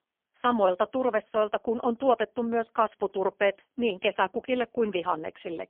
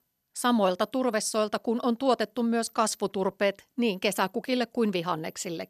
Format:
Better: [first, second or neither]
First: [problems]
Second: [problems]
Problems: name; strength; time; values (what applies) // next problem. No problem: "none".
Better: second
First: phone-call audio; poor line; nothing above 3.5 kHz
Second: none